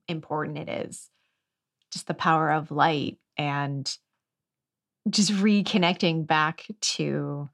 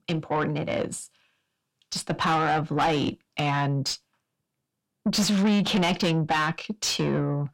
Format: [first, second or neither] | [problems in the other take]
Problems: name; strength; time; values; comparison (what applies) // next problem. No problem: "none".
first | distortion; heavy; 6 dB below the speech